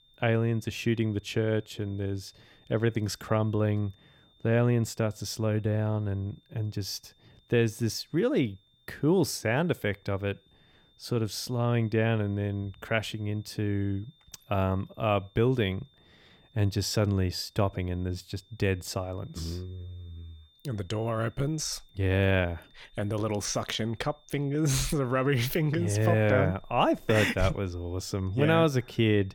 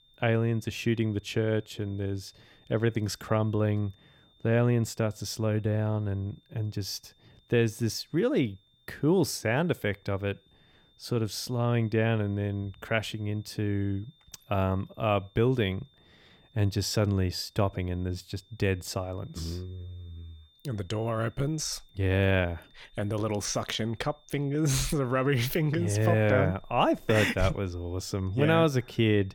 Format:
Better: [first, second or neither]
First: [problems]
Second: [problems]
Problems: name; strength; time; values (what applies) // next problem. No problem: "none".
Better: neither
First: high-pitched whine; faint; throughout; 3.5 kHz, 35 dB below the speech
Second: high-pitched whine; faint; throughout; 3.5 kHz, 35 dB below the speech